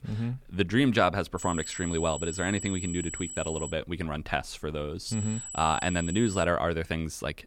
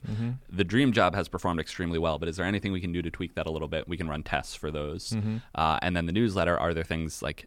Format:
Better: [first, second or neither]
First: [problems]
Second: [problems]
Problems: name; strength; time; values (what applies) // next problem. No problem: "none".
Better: second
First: high-pitched whine; loud; from 1.5 to 3.5 s and from 5 to 6.5 s; 8 kHz, 8 dB below the speech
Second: none